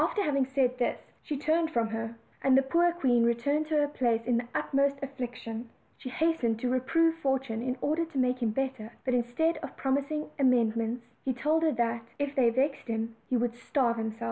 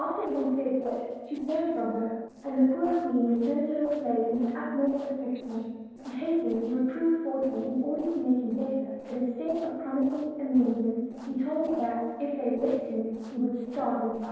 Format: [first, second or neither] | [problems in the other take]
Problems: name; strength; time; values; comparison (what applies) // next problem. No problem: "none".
first | noise reduction (neural separator model SepFormer DNS4)